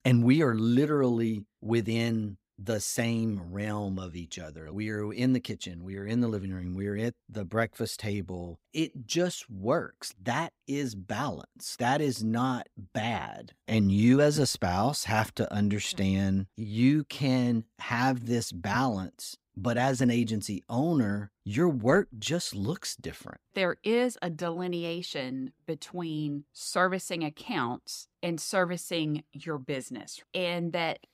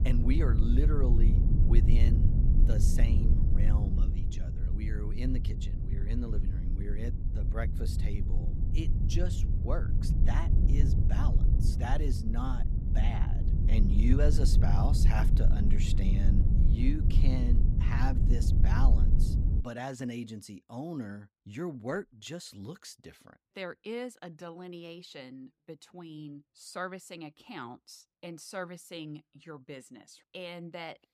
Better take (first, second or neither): first